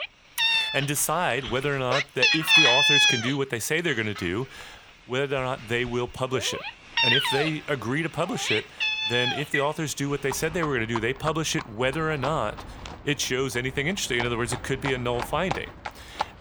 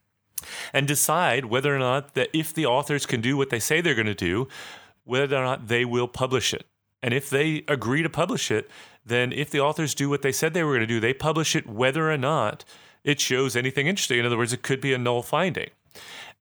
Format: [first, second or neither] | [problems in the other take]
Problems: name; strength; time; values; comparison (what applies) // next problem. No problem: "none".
second | animal sounds; very loud; throughout; 4 dB above the speech